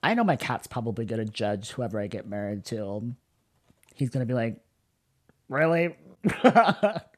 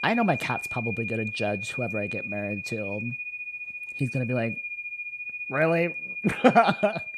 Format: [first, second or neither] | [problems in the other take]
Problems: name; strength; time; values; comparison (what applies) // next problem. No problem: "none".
first | high-pitched whine; loud; throughout; 2.5 kHz, 6 dB below the speech